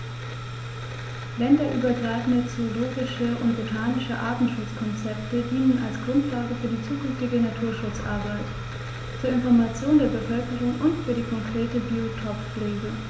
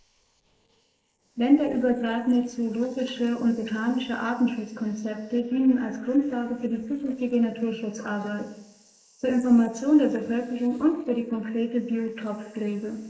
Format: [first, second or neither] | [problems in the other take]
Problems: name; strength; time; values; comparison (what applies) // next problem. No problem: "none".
first | noise reduction (neural mask model Resemble Enhance denoiser)